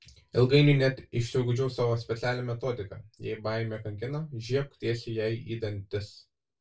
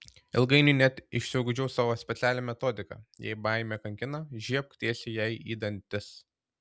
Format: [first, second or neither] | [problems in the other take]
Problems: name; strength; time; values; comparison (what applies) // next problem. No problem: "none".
second | room echo; dies away in 0.2 s